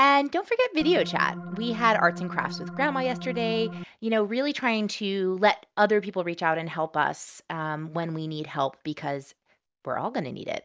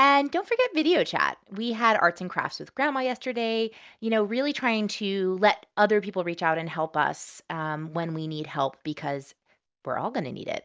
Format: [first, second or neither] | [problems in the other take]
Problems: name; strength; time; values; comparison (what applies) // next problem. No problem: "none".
second | background sound (Organ); 9 dB below the speech